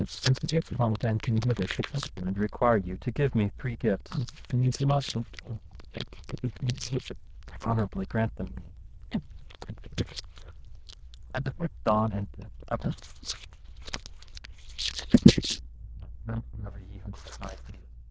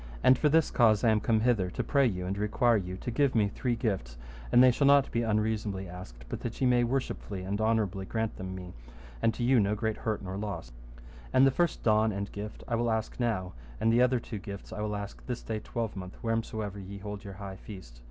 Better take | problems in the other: second | noise reduction (neural diffusion model UNIVERSE++)

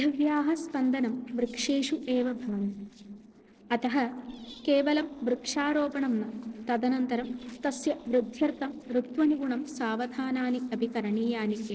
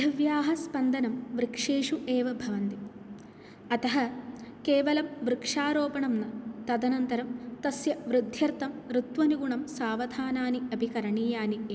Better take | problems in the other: second | noise reduction (neural separator model SepFormer DNS4)

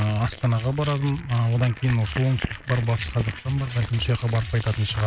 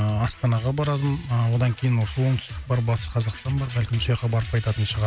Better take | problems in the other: second | noise reduction (neural mask model Resemble Enhance denoiser)

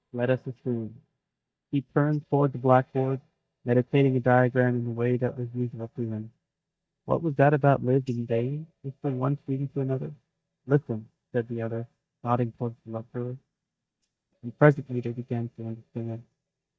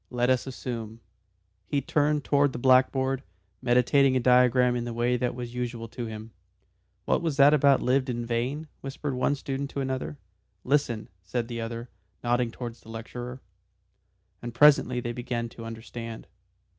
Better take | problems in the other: second | noise reduction (neural mask model DeepFilterNet 3)

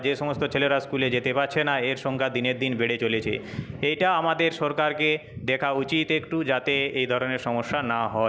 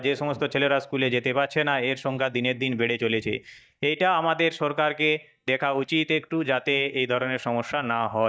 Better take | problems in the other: first | noise reduction (neural mask model DeepFilterNet 3)

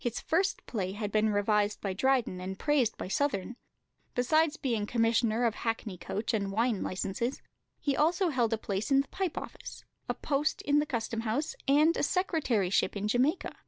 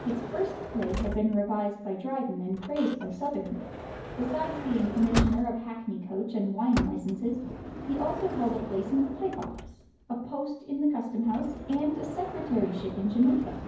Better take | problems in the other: first | background sound (Sliding door / Motor vehicle (road)); 8 dB below the speech // room echo; dies away in 0.9 s

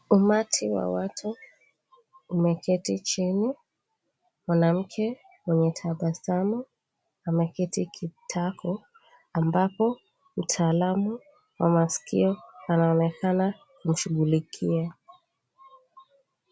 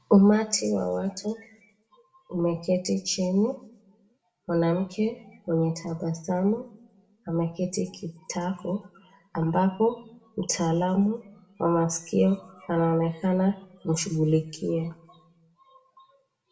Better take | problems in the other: first | room echo; dies away in 0.4 s

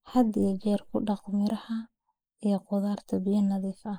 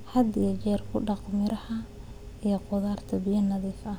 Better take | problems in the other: second | noise reduction (neural mask model Resemble Enhance denoiser)

